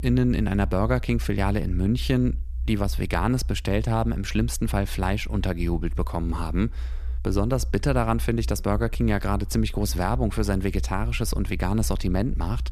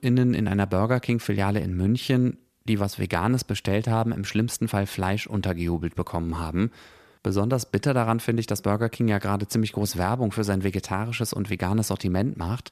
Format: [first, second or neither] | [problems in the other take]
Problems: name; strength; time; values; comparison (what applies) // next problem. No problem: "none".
second | low rumble; faint; throughout; 25 dB below the speech